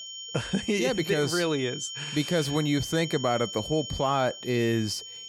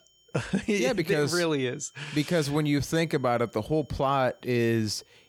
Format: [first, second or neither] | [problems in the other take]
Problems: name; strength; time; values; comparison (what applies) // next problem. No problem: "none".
second | high-pitched whine; loud; throughout; 3 kHz, 9 dB below the speech; faint in the second